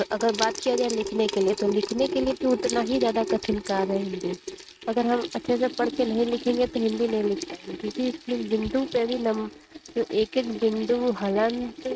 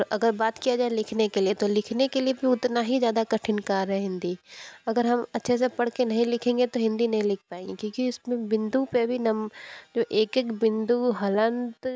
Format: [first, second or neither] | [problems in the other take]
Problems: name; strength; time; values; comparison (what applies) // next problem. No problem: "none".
second | noise reduction (neural mask model RNNoise)